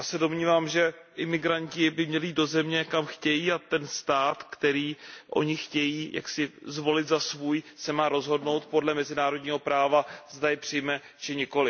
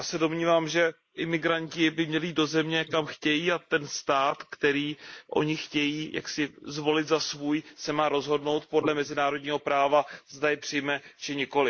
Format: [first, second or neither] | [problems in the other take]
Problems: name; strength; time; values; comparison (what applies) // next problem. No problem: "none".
first | noise reduction (neural mask model Resemble Enhance denoiser)